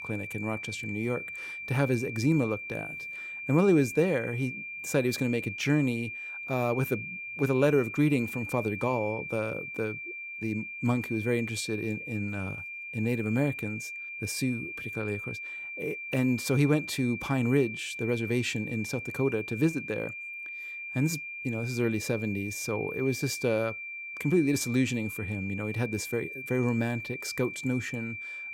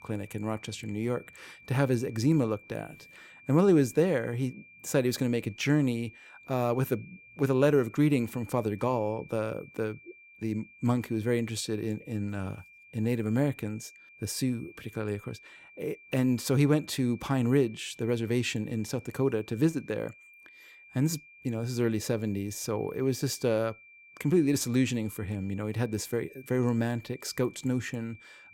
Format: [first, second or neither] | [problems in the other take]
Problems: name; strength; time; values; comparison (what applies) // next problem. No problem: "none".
second | high-pitched whine; loud; throughout; 2.5 kHz, 7 dB below the speech; faint in the second